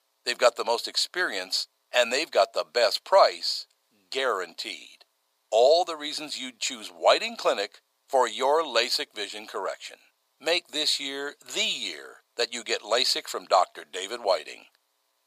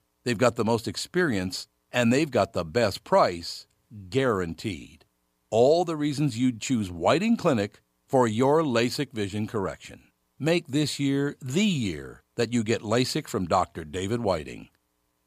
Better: second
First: thin; very; fading below 550 Hz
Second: none

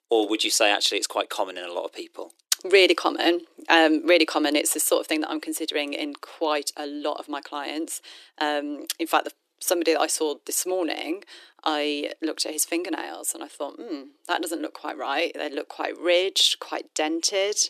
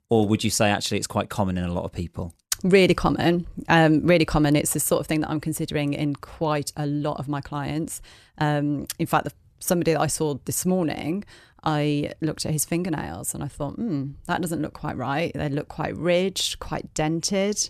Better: second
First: thin; somewhat; fading below 300 Hz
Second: none

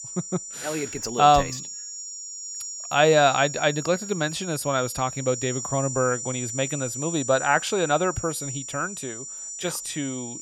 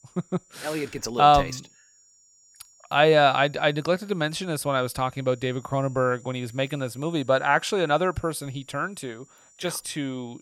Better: second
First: high-pitched whine; loud; throughout; 7 kHz, 8 dB below the speech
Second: high-pitched whine; faint; throughout; 7 kHz, 30 dB below the speech

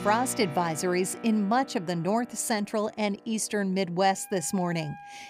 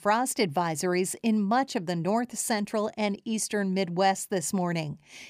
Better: second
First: background music; noticeable; throughout; 15 dB below the speech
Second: none

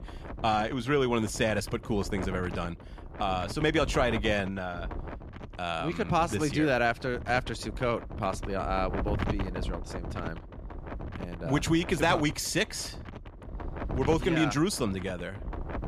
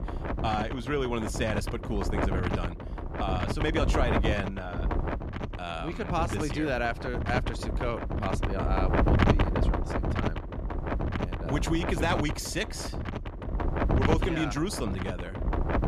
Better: first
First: wind noise on the microphone; occasional gusts; 15 dB below the speech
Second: wind noise on the microphone; heavy; 2 dB below the speech

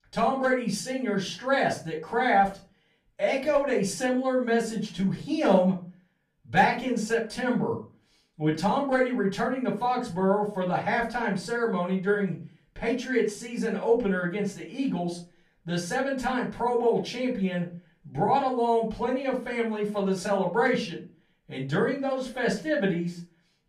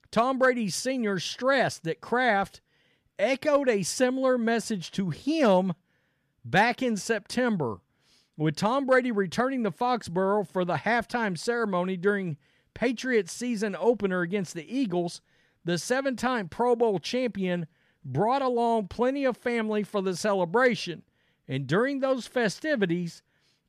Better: second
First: off-mic speech; far // room echo; slight; dies away in 0.3 s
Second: none

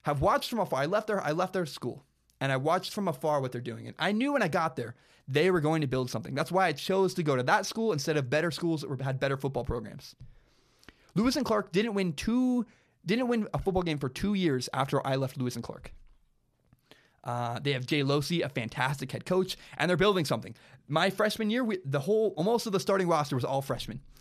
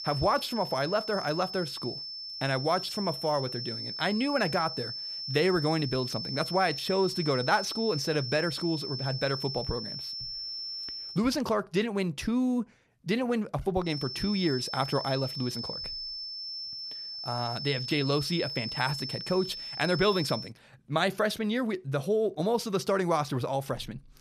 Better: first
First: none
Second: high-pitched whine; loud; until 11 s and from 14 to 20 s; 5.5 kHz, 5 dB below the speech

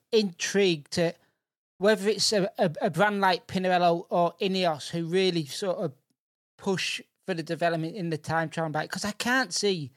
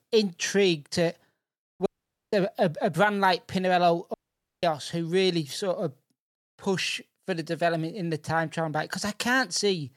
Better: first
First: none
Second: audio cutting out; at 2 s and at 4 s

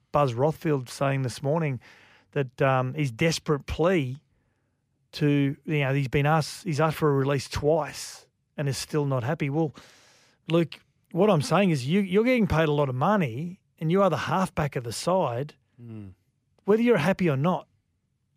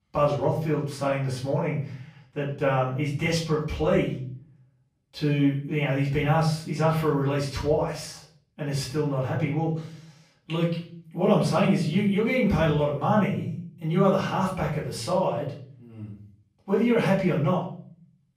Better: first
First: none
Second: off-mic speech; far // room echo; noticeable; dies away in 0.5 s

